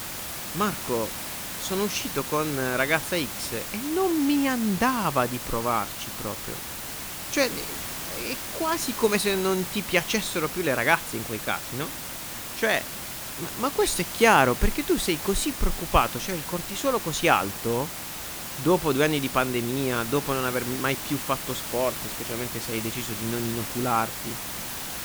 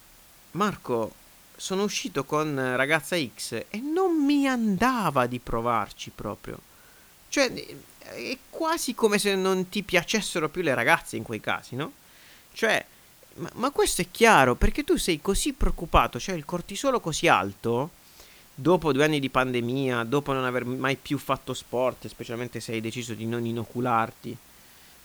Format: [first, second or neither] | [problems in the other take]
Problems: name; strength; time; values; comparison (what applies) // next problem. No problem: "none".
second | hiss; loud; throughout; 5 dB below the speech; faint in the second